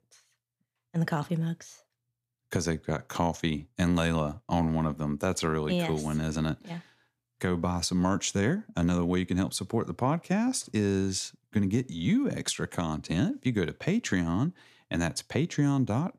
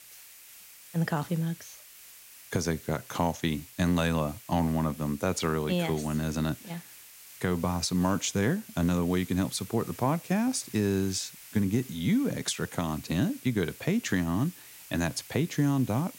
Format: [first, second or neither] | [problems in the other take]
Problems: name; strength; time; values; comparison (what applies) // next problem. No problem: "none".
first | hiss; noticeable; throughout; 15 dB below the speech